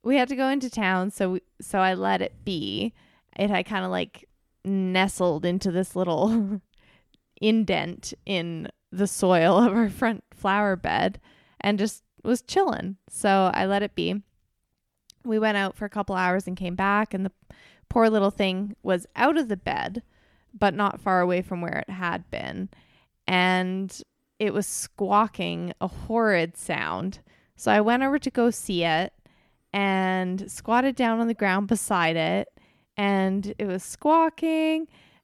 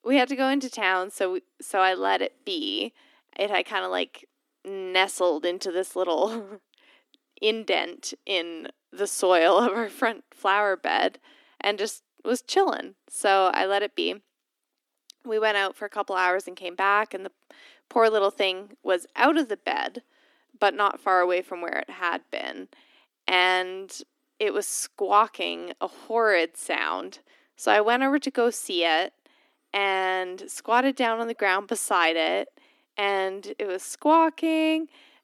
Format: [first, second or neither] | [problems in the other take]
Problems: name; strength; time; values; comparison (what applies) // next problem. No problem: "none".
first | thin; somewhat; fading below 250 Hz